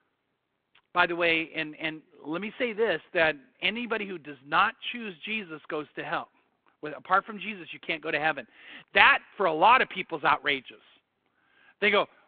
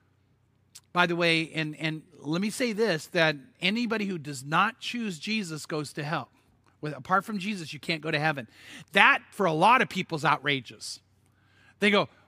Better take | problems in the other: second | phone-call audio

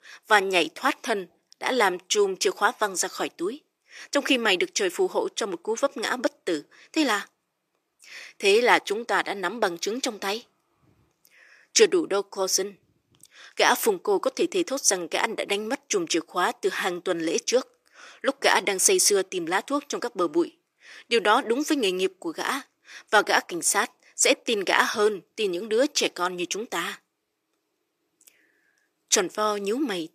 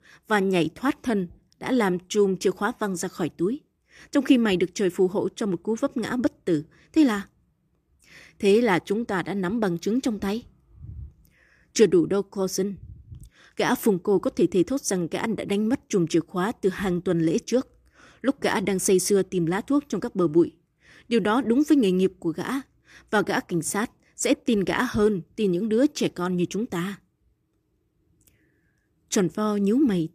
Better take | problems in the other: second | thin; very; fading below 600 Hz

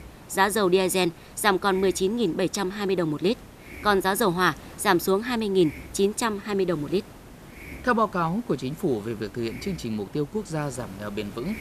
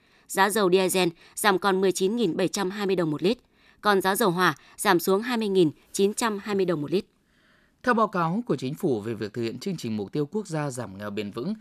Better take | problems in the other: second | hiss; noticeable; throughout; 20 dB below the speech

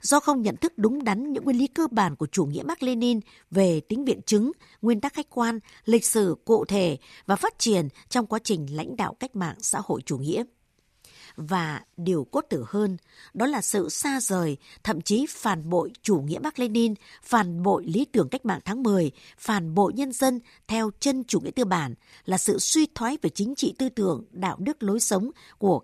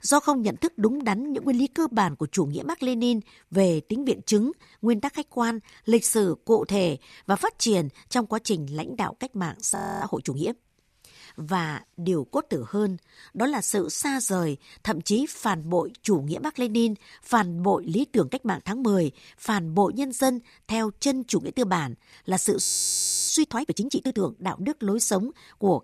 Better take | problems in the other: first | audio freezing; at 10 s and at 23 s for 0.5 s

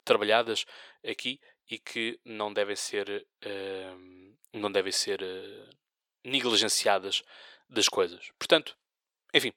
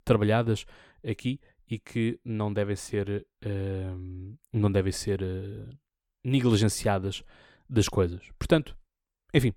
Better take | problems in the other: second | thin; very; fading below 550 Hz

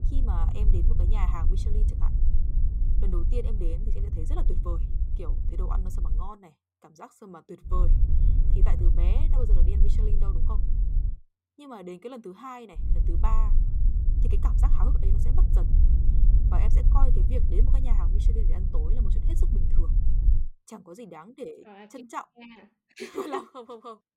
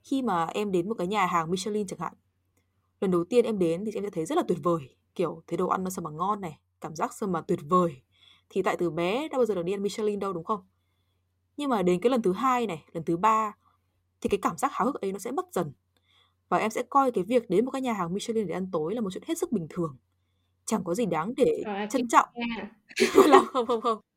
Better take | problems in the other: second | low rumble; loud; until 6 s, from 7.5 to 11 s and from 13 to 20 s; 6 dB below the speech

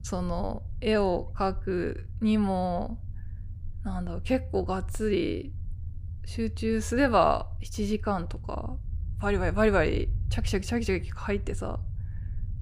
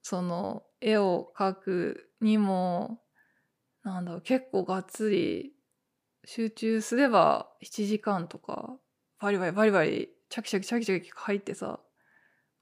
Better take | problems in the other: second | low rumble; faint; throughout; 25 dB below the speech

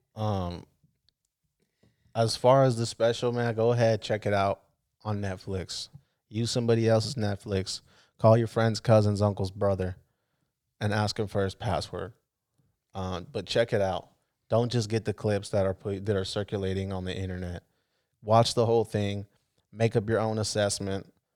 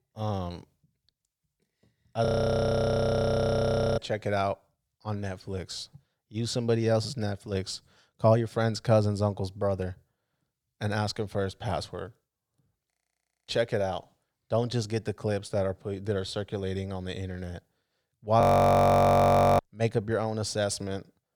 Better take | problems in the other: first | audio freezing; at 2.5 s for 1.5 s, at 13 s for 0.5 s and at 18 s for 1 s

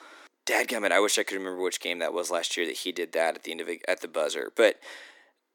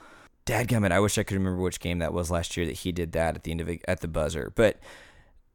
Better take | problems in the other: second | thin; very; fading below 300 Hz

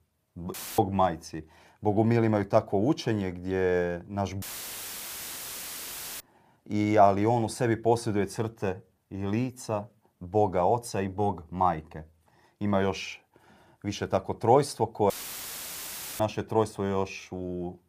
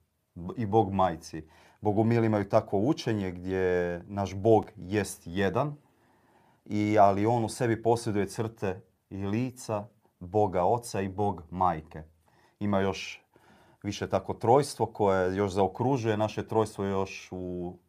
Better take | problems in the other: second | audio cutting out; filled with static; at 0.5 s, at 4.5 s for 2 s and at 15 s for 1 s

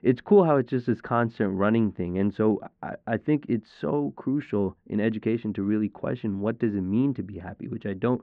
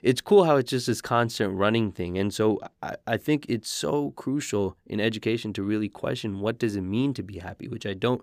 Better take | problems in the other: second | muffled; very; fading above 2 kHz

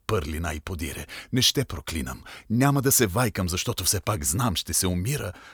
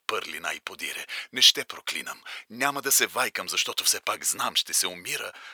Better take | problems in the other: first | thin; very; fading below 550 Hz

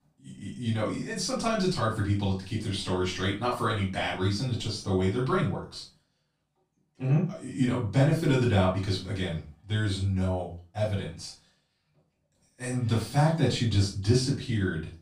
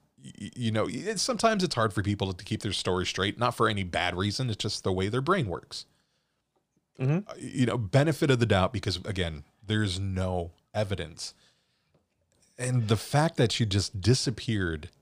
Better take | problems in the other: second | off-mic speech; far // room echo; slight; dies away in 0.3 s

